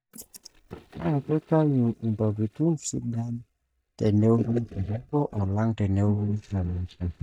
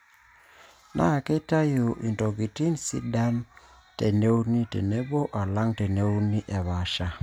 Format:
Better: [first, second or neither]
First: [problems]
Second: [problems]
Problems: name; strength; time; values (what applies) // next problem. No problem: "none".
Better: second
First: noise reduction (neural mask model DeepFilterNet 3)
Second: none